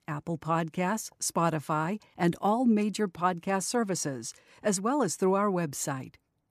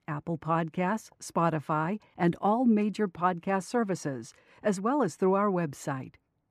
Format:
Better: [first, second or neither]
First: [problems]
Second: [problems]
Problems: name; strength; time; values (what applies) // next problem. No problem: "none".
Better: first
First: none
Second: muffled; slightly; fading above 4 kHz